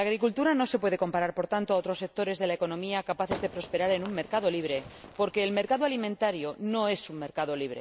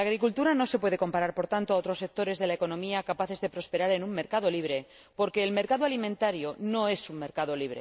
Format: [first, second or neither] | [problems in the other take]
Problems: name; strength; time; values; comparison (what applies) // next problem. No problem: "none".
second | background sound (Fireworks); 14 dB below the speech